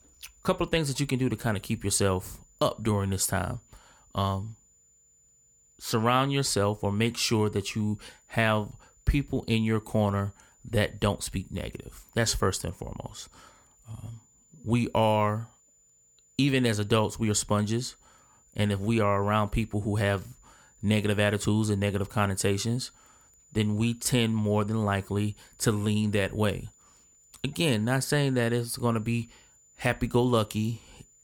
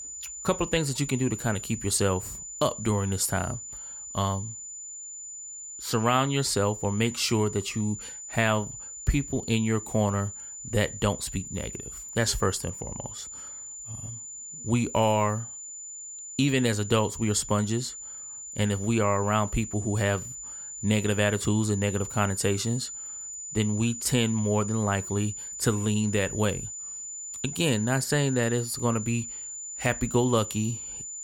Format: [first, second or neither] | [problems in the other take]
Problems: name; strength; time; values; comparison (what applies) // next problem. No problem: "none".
first | high-pitched whine; loud; throughout; 7 kHz, 9 dB below the speech; faint in the first